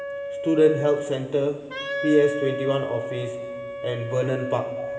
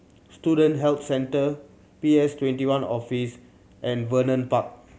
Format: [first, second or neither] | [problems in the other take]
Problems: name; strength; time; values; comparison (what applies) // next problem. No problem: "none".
second | background sound (Wind instrument, woodwind instrument); 7 dB below the speech // room echo; dies away in 2.5 s